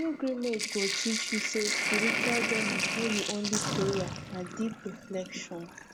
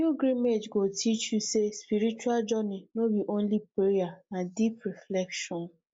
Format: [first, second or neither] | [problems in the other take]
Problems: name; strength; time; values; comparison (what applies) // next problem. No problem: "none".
second | background sound (Sink (filling or washing)); 1 dB above the speech